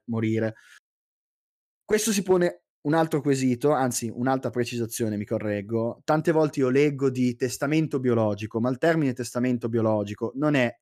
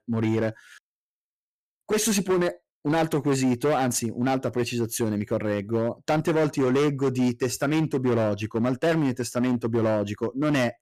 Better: first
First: none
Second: distortion; slight; 12% of the sound clipped

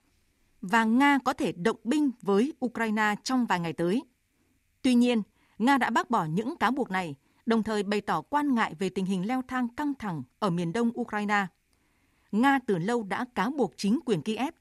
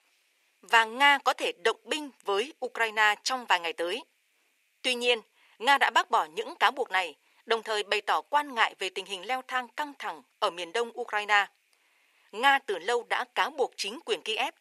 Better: first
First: none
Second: thin; very; fading below 500 Hz

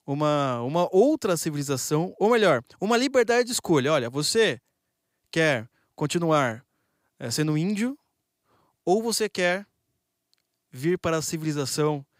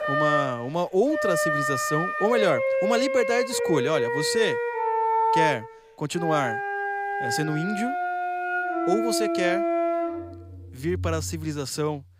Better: first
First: none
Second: background music; very loud; throughout; 1 dB above the speech

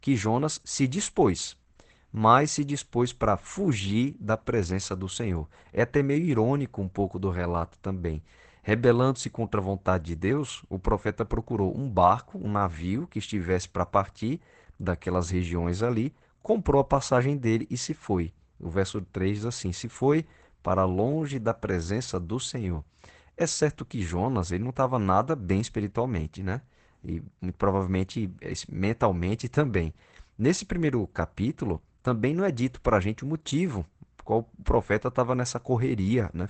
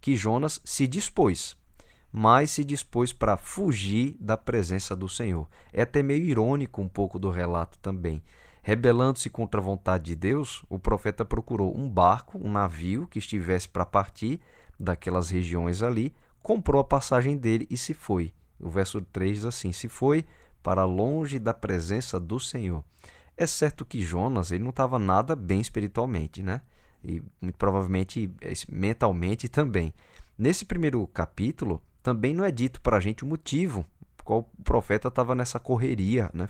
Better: second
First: garbled, watery; badly; nothing above 8 kHz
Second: garbled, watery; slightly

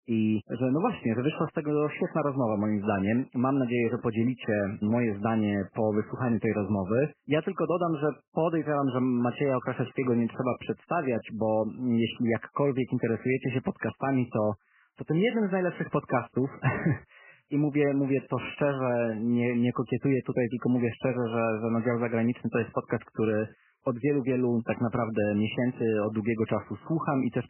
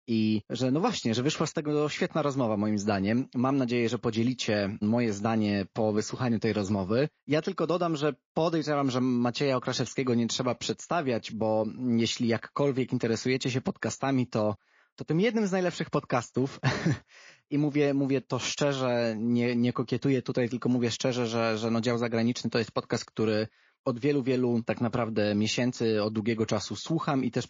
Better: second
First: garbled, watery; badly; nothing above 3 kHz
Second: garbled, watery; slightly

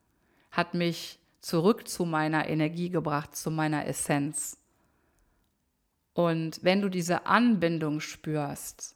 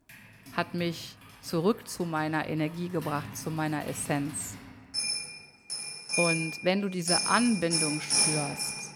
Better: first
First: none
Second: household noises; very loud; throughout; 2 dB above the speech

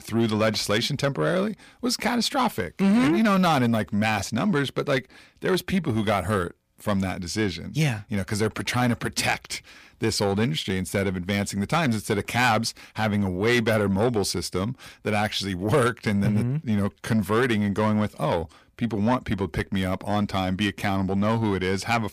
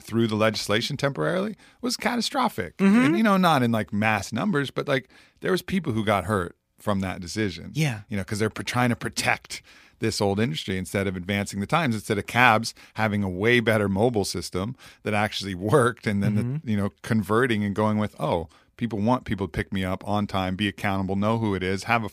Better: second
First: distortion; slight; 10 dB below the speech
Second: none

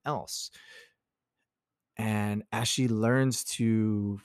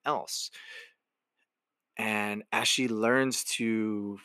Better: first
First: none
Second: thin; somewhat; fading below 300 Hz

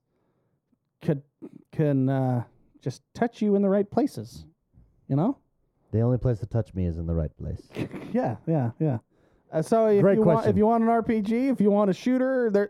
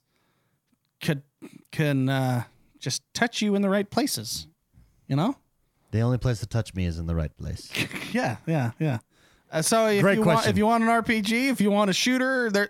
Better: second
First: muffled; very; fading above 1.5 kHz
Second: none

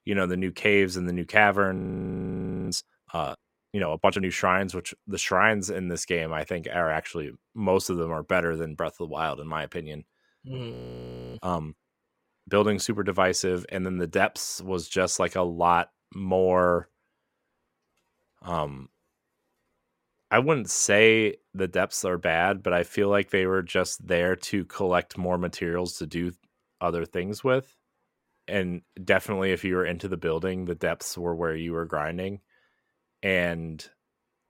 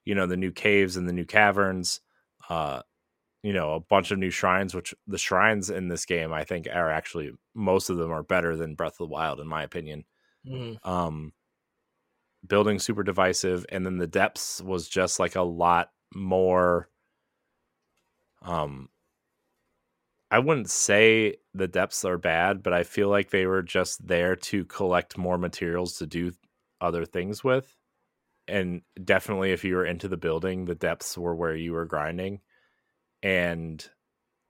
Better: second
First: audio freezing; at 2 s for 1 s and at 11 s for 0.5 s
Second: none

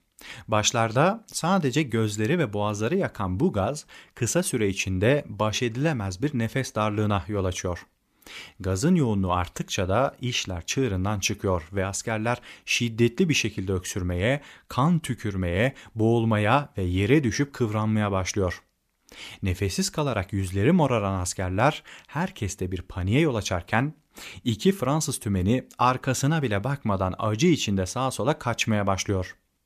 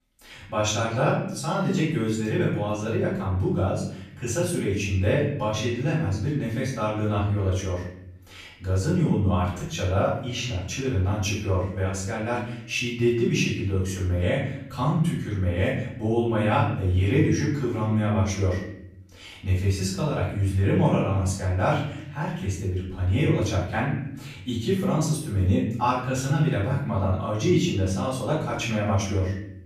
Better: first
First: none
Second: off-mic speech; far // room echo; noticeable; dies away in 0.8 s

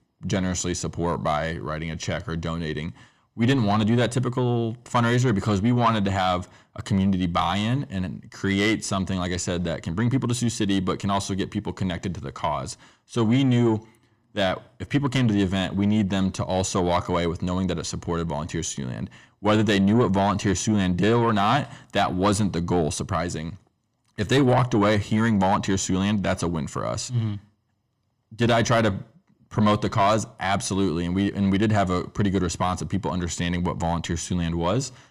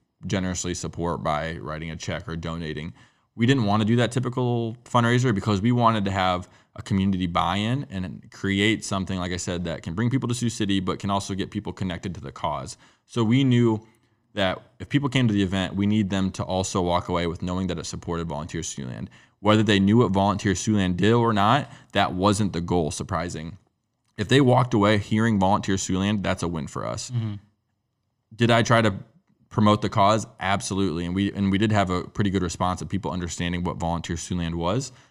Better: second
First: distortion; slight; 10 dB below the speech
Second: none

